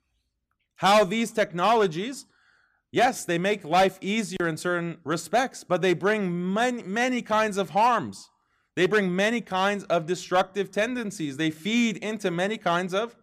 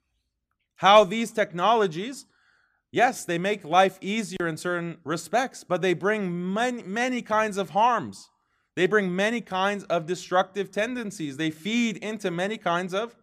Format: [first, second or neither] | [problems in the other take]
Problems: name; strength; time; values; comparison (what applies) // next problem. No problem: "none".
second | distortion; slight; 3% of the sound clipped